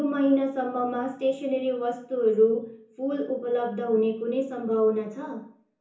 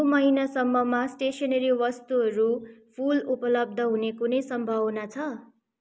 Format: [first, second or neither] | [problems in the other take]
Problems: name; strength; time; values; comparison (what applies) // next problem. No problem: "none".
second | room echo; dies away in 0.7 s